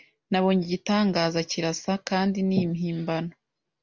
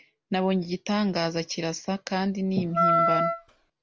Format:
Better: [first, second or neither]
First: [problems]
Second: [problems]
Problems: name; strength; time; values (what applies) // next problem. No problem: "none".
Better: first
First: none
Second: background sound (Wind instrument, woodwind instrument); 4 dB above the speech